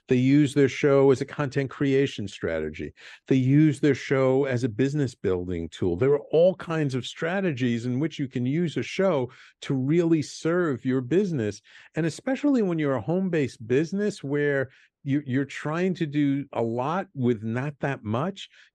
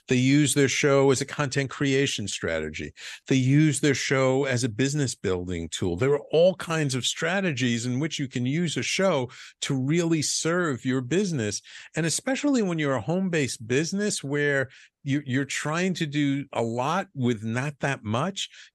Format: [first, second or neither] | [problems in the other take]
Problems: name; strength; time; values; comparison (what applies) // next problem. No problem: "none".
second | muffled; slightly; fading above 1.5 kHz